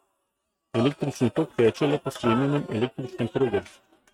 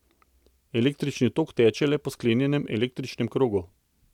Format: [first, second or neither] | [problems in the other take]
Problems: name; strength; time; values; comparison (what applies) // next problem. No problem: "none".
second | noise reduction (neural mask model RNNoise)